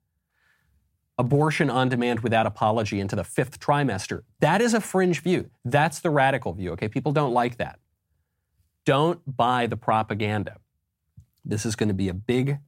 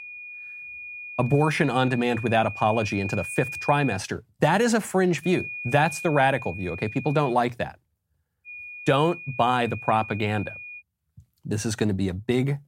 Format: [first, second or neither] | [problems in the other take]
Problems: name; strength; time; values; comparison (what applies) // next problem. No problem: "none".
first | high-pitched whine; noticeable; until 4 s, from 5 to 7.5 s and from 8.5 to 11 s; 2.5 kHz, 10 dB below the speech